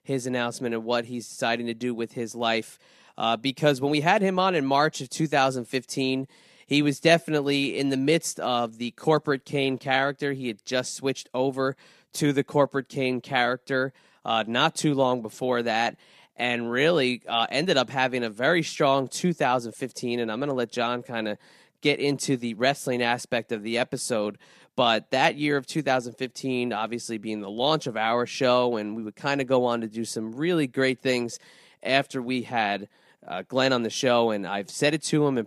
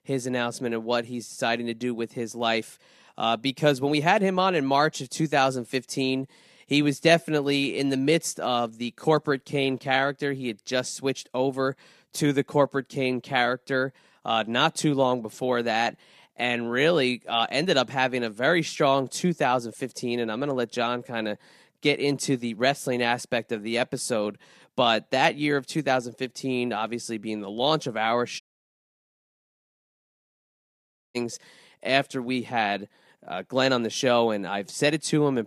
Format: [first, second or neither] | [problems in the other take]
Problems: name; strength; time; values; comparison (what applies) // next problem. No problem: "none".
first | audio cutting out; at 28 s for 2.5 s